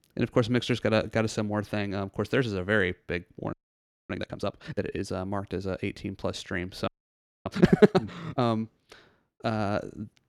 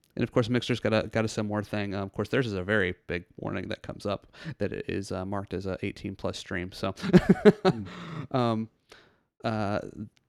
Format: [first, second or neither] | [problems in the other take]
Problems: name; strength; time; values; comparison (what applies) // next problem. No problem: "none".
second | audio freezing; at 3.5 s for 0.5 s and at 7 s for 0.5 s